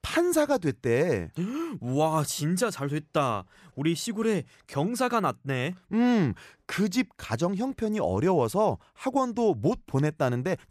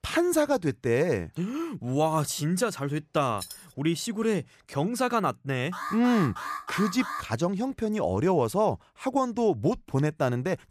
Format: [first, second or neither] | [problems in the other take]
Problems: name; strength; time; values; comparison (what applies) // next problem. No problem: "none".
first | jangling keys; faint; at 3.5 s; peak 15 dB below the speech // alarm; noticeable; from 5.5 to 7 s; peak 6 dB below the speech